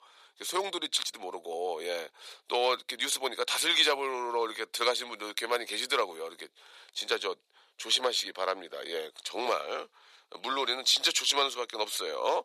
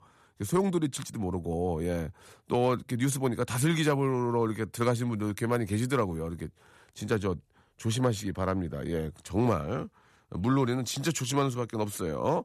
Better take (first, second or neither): second